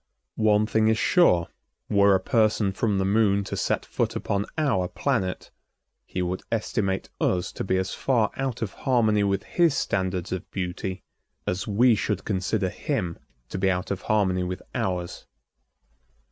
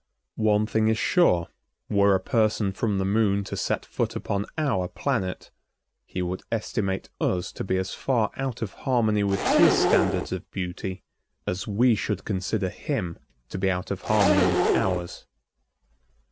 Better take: first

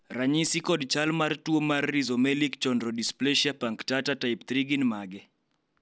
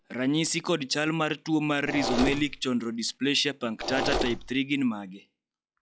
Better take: first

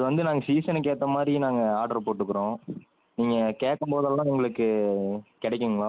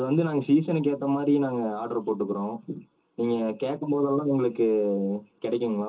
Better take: first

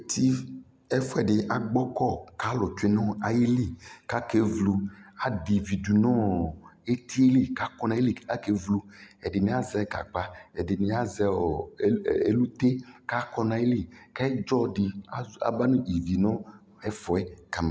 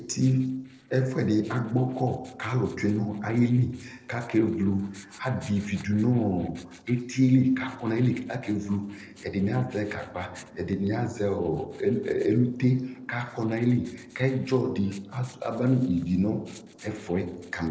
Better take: first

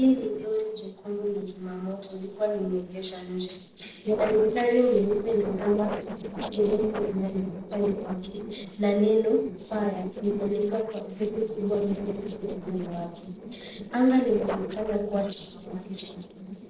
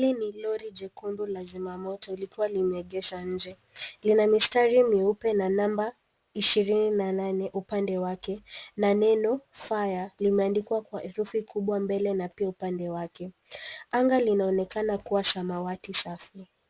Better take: second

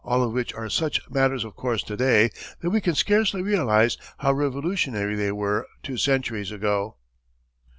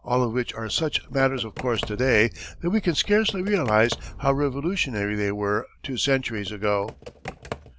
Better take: first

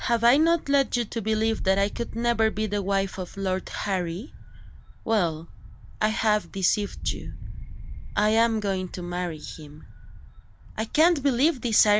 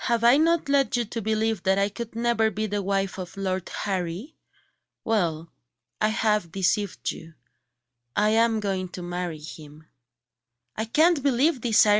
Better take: second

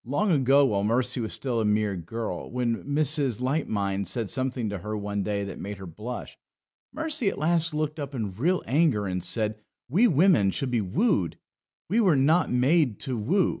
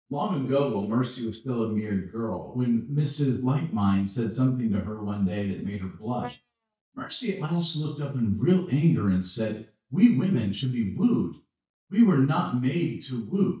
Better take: first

